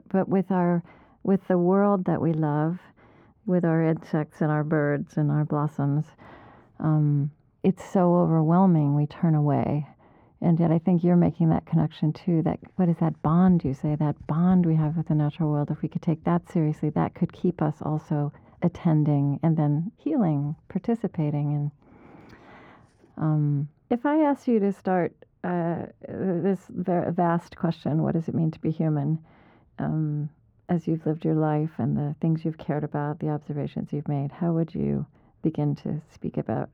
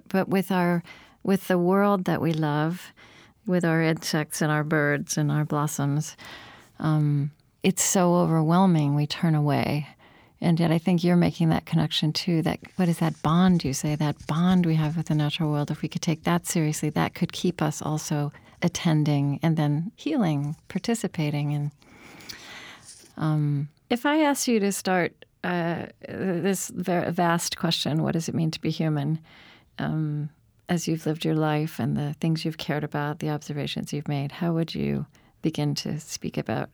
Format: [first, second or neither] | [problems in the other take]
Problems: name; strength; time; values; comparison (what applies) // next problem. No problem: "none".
second | muffled; very; fading above 2.5 kHz